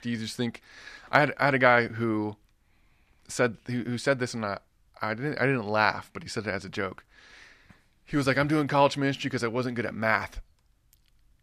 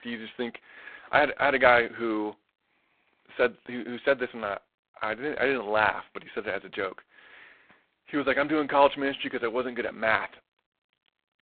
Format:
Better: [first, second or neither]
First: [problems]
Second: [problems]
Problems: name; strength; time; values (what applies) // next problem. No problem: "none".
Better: first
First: none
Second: phone-call audio; poor line; nothing above 4 kHz